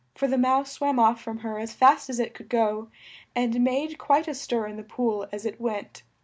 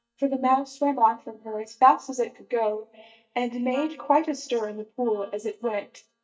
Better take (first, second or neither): first